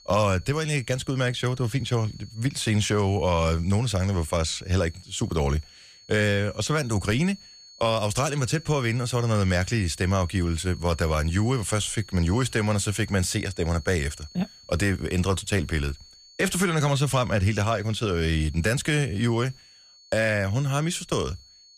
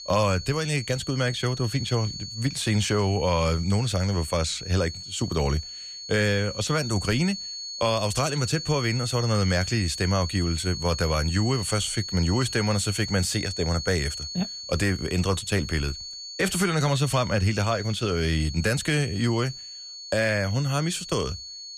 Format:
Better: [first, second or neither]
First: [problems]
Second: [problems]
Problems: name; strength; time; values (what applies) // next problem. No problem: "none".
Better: first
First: high-pitched whine; faint; throughout; 4.5 kHz, 25 dB below the speech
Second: high-pitched whine; loud; throughout; 4.5 kHz, 9 dB below the speech